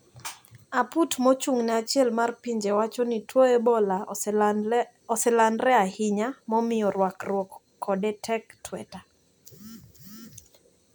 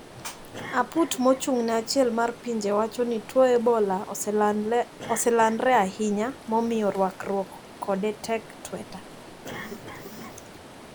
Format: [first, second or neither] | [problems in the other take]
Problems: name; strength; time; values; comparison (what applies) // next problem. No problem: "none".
first | background sound (Stream + Cough); 16 dB below the speech